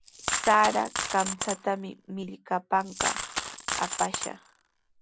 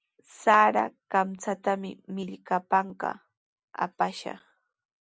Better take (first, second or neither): second